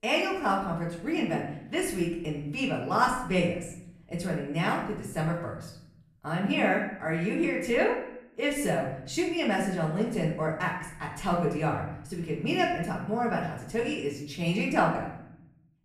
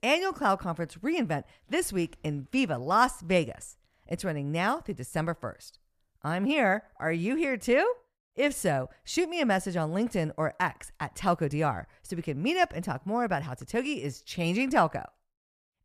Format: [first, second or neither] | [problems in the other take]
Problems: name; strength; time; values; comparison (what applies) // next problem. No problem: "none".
second | off-mic speech; far // room echo; noticeable; dies away in 0.7 s